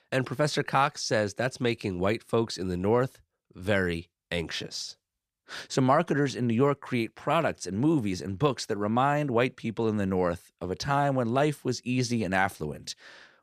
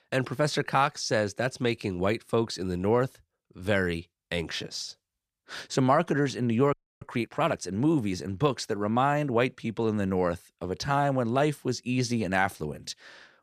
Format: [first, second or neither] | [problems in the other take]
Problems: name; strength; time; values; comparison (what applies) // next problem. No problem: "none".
first | audio freezing; at 6.5 s